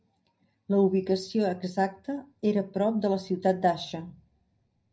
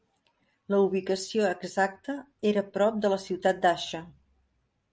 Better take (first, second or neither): second